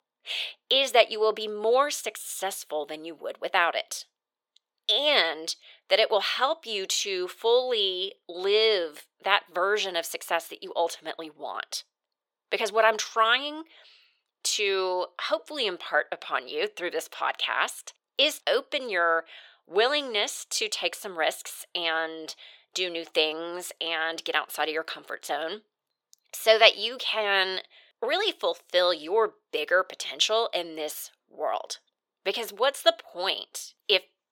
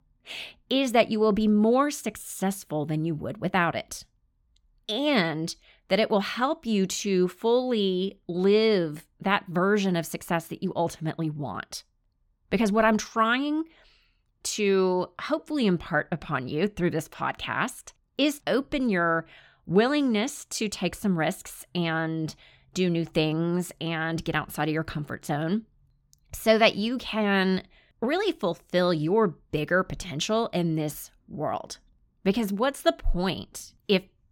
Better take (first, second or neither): second